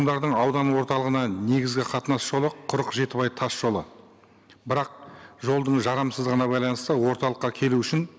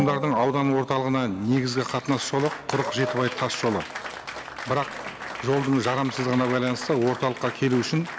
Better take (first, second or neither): first